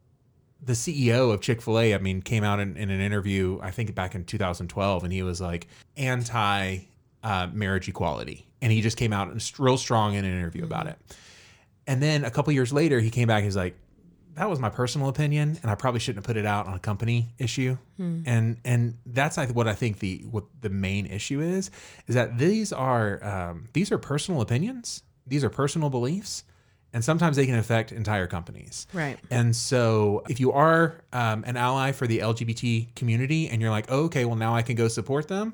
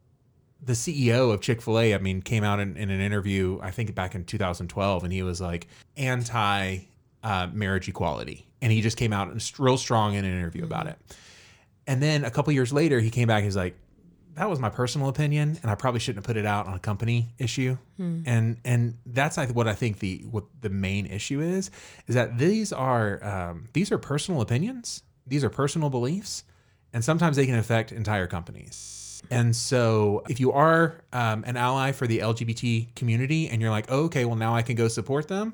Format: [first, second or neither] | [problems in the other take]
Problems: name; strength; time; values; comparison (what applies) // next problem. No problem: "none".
first | audio freezing; at 29 s